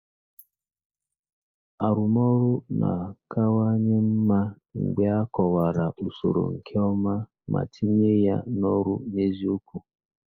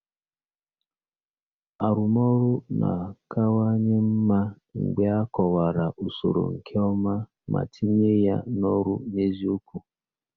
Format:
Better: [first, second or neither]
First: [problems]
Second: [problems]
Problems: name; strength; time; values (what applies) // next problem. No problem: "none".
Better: second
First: noise reduction (neural mask model Resemble Enhance denoiser)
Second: none